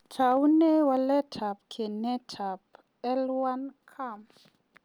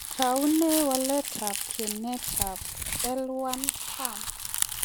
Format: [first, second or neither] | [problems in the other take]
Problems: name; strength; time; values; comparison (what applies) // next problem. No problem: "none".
first | background sound (Crumpling, crinkling); 3 dB below the speech